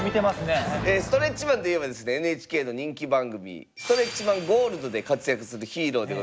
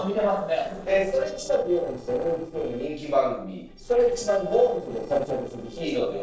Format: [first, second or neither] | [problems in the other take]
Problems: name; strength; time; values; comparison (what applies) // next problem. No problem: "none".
first | noise reduction (neural separator model SepFormer DNS4)